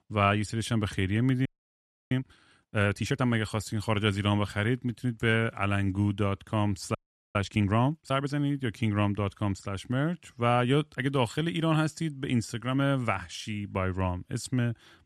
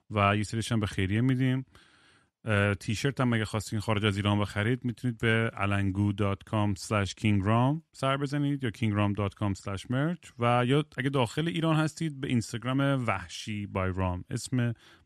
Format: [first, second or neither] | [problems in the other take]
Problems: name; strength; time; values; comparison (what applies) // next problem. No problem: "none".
second | audio freezing; at 1.5 s for 0.5 s and at 7 s